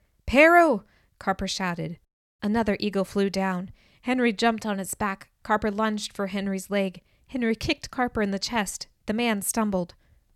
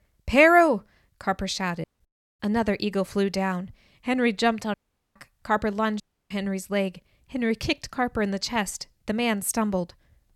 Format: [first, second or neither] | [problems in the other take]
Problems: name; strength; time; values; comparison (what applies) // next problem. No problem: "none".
first | audio cutting out; at 2 s, at 4.5 s and at 6 s